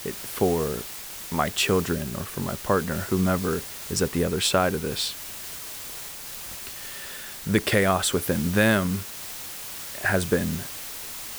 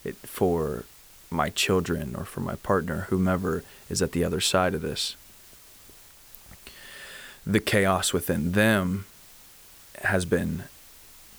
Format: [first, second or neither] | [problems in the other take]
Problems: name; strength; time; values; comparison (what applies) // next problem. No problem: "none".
second | hiss; loud; throughout; 9 dB below the speech; faint in the second